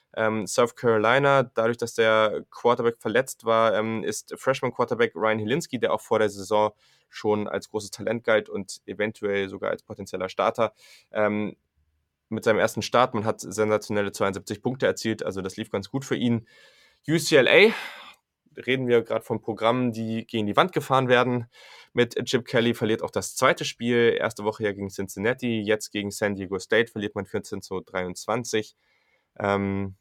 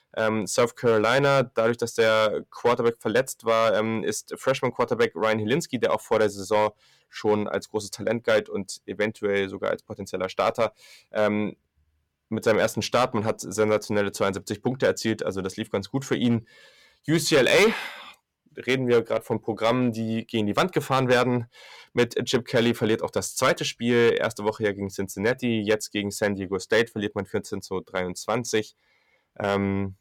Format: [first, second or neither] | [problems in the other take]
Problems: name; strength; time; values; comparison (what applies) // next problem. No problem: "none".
first | distortion; slight; 3% of the sound clipped